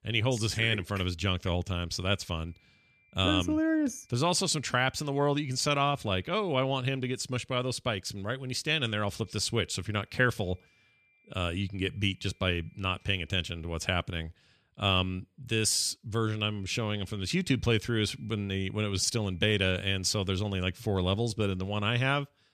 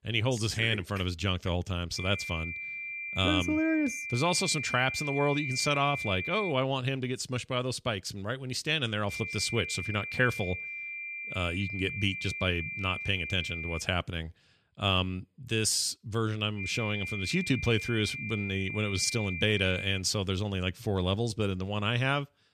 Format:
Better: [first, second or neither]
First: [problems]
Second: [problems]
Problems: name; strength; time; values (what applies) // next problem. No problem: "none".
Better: first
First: high-pitched whine; faint; from 2 to 6.5 s, from 9 to 14 s and from 17 to 20 s; 2.5 kHz, 35 dB below the speech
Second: high-pitched whine; loud; from 2 to 6.5 s, from 9 to 14 s and from 17 to 20 s; 2.5 kHz, 5 dB below the speech